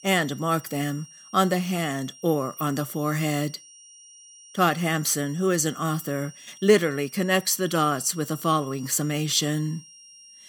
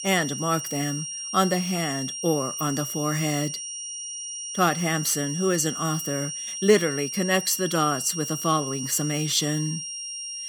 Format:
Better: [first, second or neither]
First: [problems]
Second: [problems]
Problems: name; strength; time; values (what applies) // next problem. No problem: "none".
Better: first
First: high-pitched whine; faint; throughout; 5.5 kHz, 20 dB below the speech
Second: high-pitched whine; loud; throughout; 5.5 kHz, 6 dB below the speech